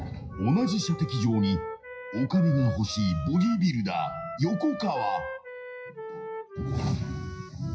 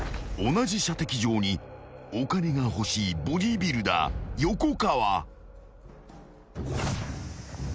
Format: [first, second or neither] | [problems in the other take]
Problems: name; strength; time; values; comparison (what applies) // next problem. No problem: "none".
second | noise reduction (classical method WPE with log-MMSE)